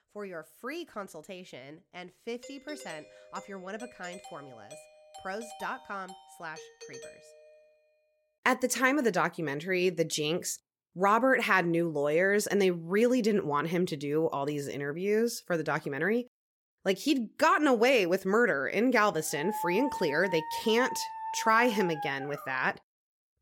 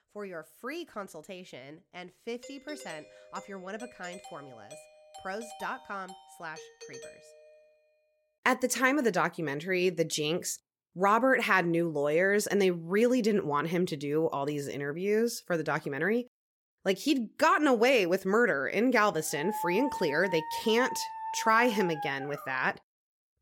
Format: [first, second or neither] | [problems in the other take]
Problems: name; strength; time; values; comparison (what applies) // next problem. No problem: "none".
neither | doorbell; faint; from 2.5 to 7.5 s; peak 20 dB below the speech; the same in both // dog barking; noticeable; from 19 to 23 s; peak 7 dB below the speech; the same in both